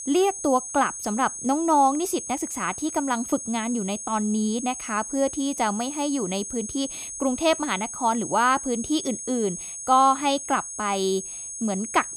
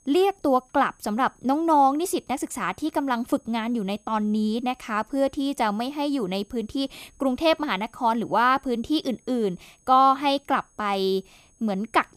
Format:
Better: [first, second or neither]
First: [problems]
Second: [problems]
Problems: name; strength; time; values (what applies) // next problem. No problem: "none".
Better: second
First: high-pitched whine; loud; throughout; 6.5 kHz, 8 dB below the speech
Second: high-pitched whine; faint; throughout; 6.5 kHz, 35 dB below the speech